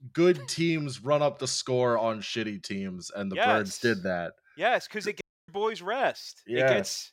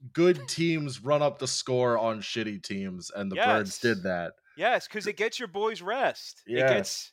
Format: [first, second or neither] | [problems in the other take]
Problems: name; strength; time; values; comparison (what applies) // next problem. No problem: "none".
second | audio cutting out; at 5 s